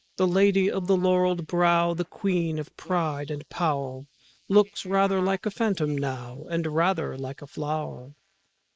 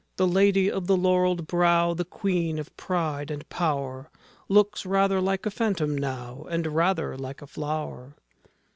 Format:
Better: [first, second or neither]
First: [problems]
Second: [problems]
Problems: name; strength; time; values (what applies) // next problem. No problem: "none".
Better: second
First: noise reduction (neural mask model Resemble Enhance denoiser)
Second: none